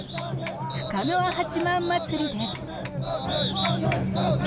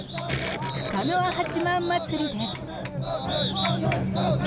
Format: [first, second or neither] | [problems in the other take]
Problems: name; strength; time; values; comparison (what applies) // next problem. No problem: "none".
first | background sound (Gurgling); 11 dB below the speech